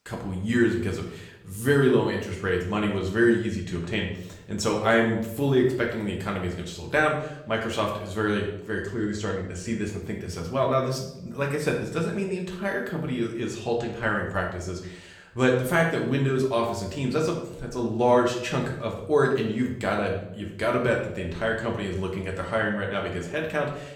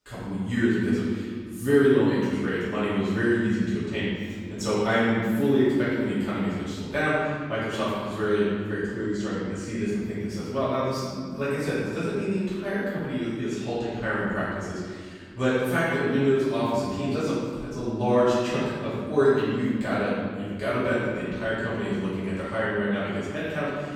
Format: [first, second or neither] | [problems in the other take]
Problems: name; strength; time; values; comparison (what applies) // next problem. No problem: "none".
first | room echo; strong; dies away in 1.7 s; slight in the first // off-mic speech; far; somewhat distant in the first